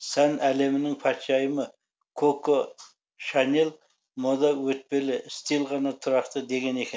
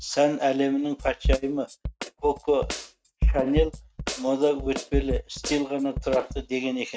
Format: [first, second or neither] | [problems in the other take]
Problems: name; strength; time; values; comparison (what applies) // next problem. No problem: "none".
first | noise reduction (neural mask model RNNoise)